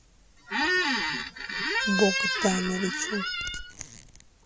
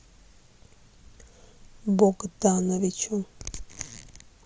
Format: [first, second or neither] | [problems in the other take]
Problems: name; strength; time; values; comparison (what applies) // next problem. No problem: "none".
second | background sound (Squeak); 3 dB above the speech